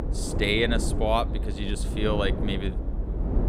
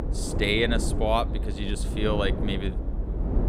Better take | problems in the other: neither | low rumble; loud; throughout; 10 dB below the speech; the same in both

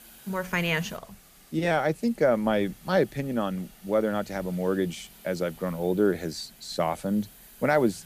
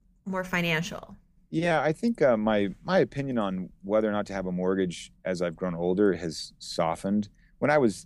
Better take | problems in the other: second | hiss; faint; throughout; 20 dB below the speech

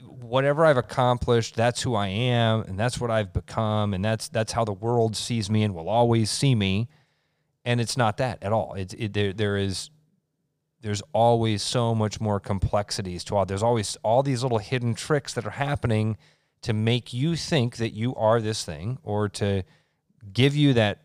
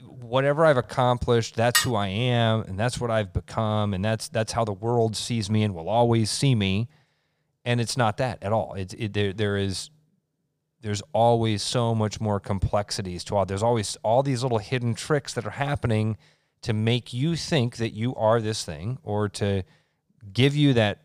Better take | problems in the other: first | clattering dishes; loud; at 1.5 s; peak 1 dB above the speech

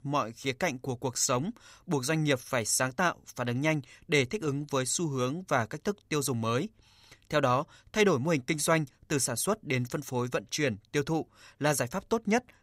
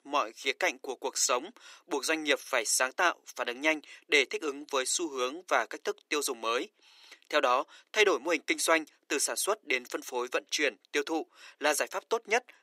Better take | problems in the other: first | thin; somewhat; fading below 300 Hz

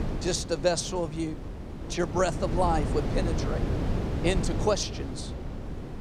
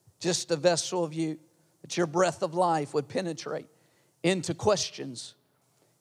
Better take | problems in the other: second | wind noise on the microphone; heavy; 9 dB below the speech

